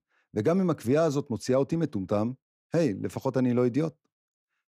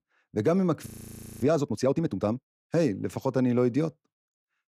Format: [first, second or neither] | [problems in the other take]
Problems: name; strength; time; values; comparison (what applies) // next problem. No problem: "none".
first | audio freezing; at 1 s for 0.5 s